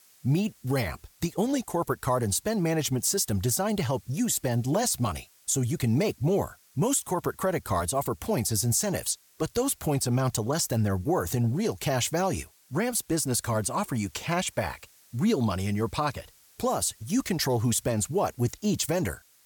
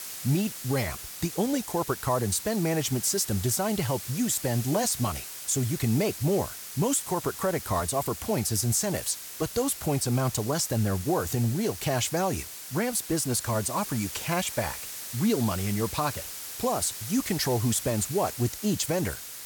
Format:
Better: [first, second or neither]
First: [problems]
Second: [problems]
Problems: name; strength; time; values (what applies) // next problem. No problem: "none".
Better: first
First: hiss; faint; throughout; 30 dB below the speech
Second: hiss; loud; throughout; 9 dB below the speech